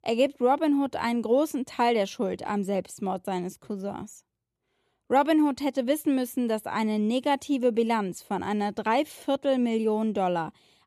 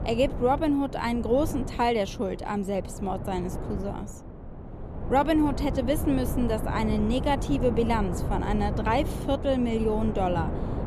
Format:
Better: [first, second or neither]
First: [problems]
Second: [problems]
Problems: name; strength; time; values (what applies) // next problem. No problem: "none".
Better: first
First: none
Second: wind noise on the microphone; occasional gusts; 10 dB below the speech